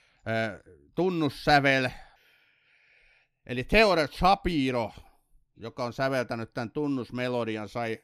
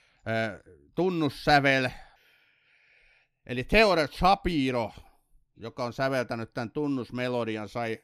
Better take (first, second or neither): neither